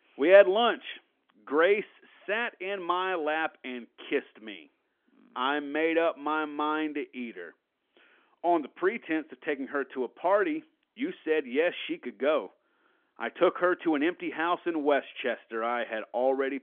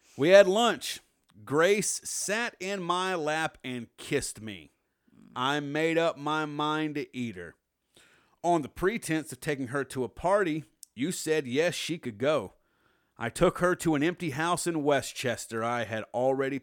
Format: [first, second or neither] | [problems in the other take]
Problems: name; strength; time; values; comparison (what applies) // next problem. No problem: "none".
second | phone-call audio; nothing above 3.5 kHz